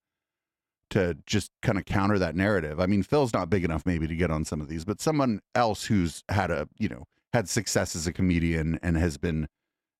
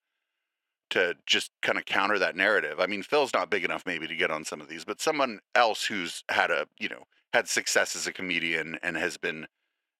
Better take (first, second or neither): first